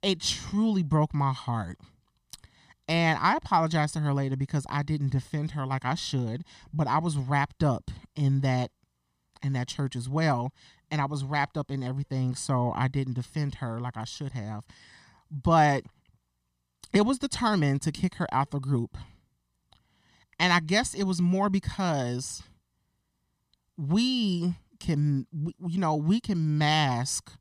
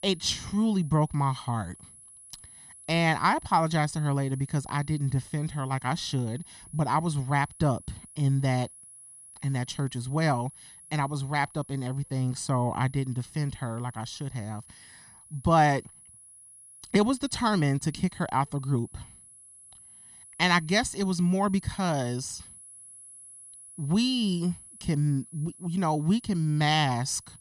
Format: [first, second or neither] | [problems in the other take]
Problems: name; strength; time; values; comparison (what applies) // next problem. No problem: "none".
first | high-pitched whine; noticeable; throughout; 10.5 kHz, 20 dB below the speech